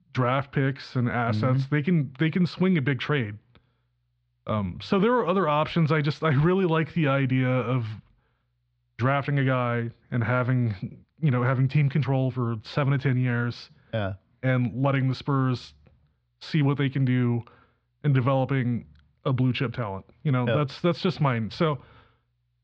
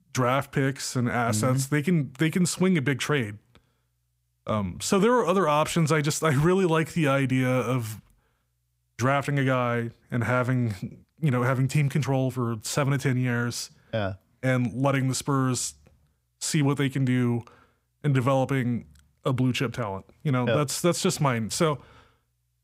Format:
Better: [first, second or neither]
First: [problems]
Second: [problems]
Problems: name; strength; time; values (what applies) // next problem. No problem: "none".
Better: second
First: muffled; slightly; fading above 4 kHz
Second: none